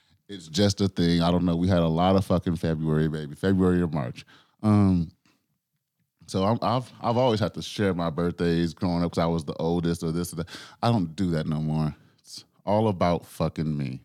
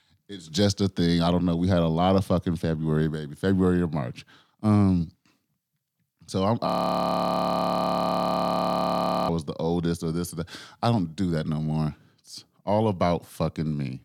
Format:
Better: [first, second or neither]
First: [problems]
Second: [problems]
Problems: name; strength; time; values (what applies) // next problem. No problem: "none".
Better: first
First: none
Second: audio freezing; at 6.5 s for 2.5 s